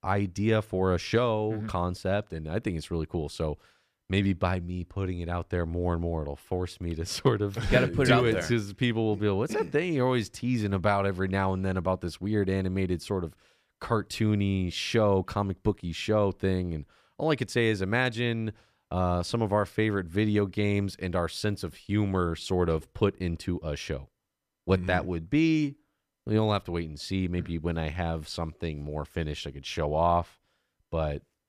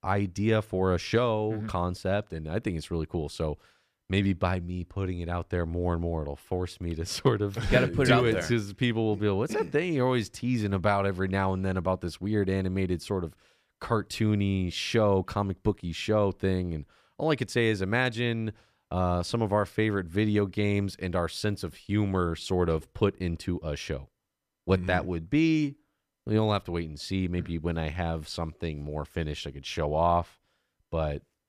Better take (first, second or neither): neither